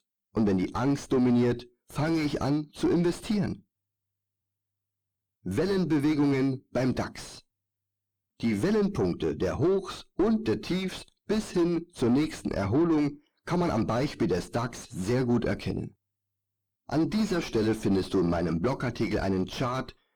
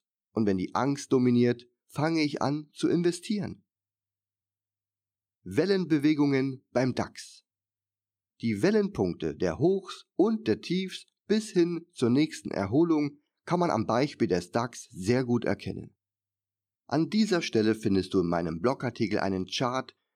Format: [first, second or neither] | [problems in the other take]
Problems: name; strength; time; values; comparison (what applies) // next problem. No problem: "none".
second | distortion; heavy; 3 dB below the speech